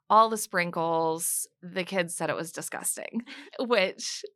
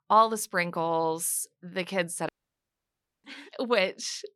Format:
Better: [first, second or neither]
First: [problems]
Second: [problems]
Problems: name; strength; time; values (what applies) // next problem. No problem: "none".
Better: first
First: none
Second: audio cutting out; at 2.5 s for 1 s